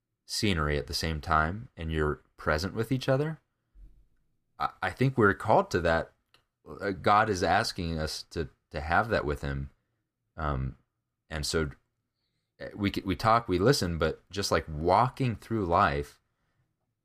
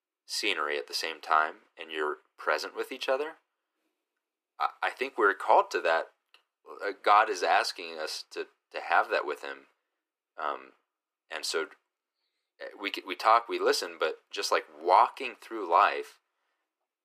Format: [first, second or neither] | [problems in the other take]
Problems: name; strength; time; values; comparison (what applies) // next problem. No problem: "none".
first | thin; very; fading below 350 Hz